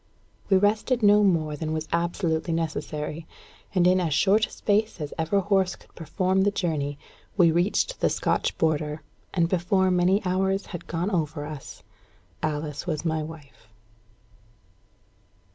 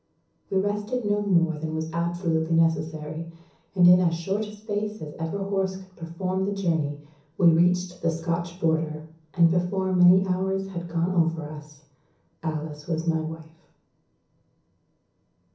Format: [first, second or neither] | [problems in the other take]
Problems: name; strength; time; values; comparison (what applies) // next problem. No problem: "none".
first | room echo; dies away in 0.6 s